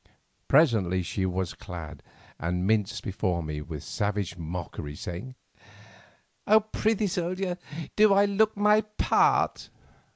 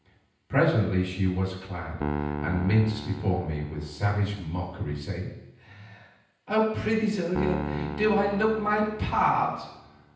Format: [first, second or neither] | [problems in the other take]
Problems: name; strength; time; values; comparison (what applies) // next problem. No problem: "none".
first | background sound (Piano); 10 dB below the speech // room echo; dies away in 0.9 s